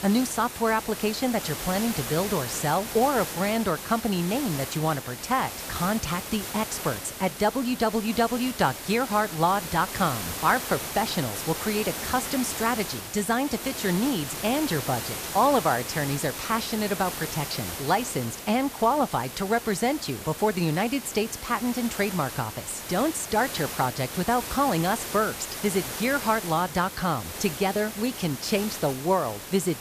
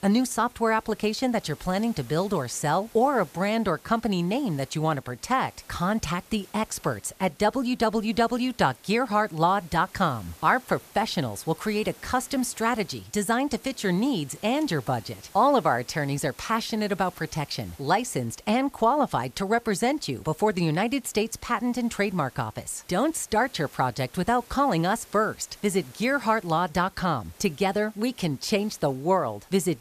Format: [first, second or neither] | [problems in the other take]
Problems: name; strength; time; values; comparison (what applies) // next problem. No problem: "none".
second | hiss; loud; throughout; 7 dB below the speech; faint in the second